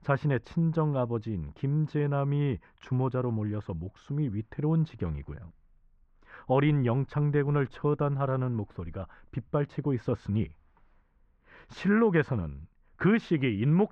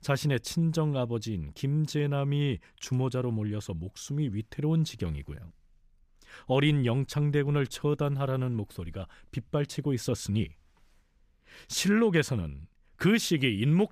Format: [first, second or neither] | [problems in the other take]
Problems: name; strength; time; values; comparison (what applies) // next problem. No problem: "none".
second | muffled; very; fading above 1.5 kHz